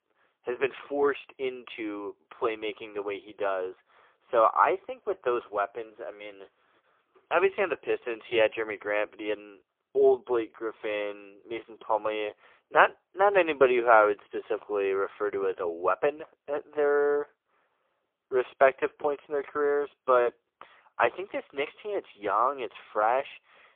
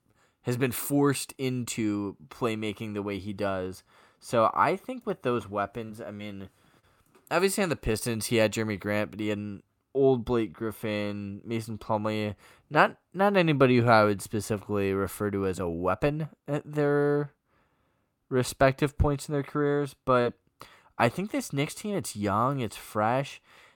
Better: second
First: phone-call audio; poor line; nothing above 3.5 kHz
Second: none

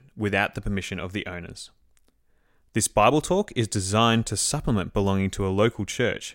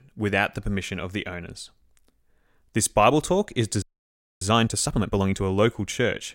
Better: first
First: none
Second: audio freezing; at 4 s for 0.5 s

